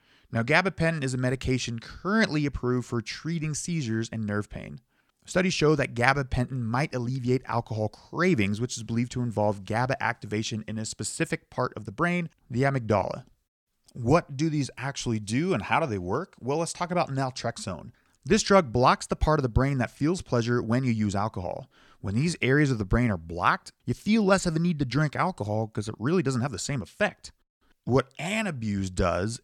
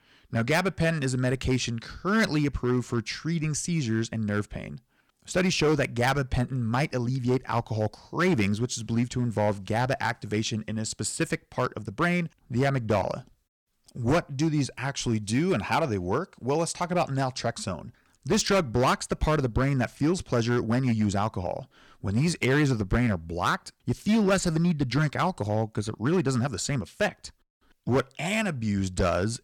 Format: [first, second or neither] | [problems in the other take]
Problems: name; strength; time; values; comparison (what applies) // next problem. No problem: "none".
first | distortion; slight; 5% of the sound clipped